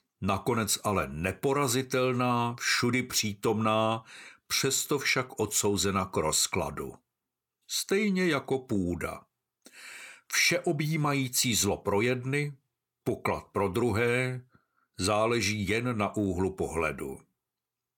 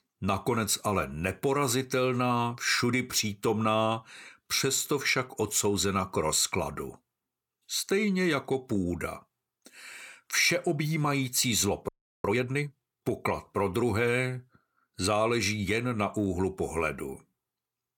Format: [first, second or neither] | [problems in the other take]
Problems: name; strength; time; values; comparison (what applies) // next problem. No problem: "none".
first | audio freezing; at 12 s